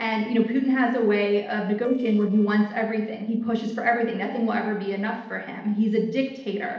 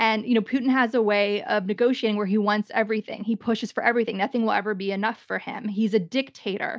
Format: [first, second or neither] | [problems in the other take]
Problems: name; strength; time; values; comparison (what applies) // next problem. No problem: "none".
second | noise reduction (neural separator model SepFormer DNS4)